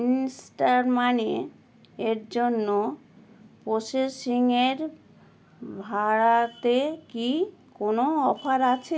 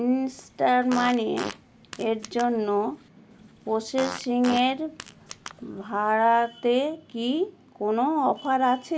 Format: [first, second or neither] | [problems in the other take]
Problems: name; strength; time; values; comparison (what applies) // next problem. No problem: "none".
first | background sound (Fart); 14 dB below the speech